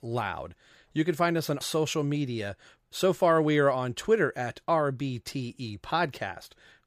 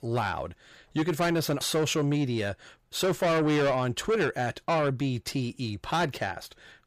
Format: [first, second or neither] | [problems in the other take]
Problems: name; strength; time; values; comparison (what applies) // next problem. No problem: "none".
first | distortion; heavy; 8 dB below the speech